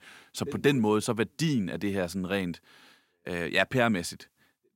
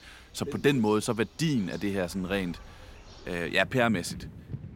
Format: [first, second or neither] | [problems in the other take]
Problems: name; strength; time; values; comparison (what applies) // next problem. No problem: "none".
first | animal sounds; noticeable; throughout; 20 dB below the speech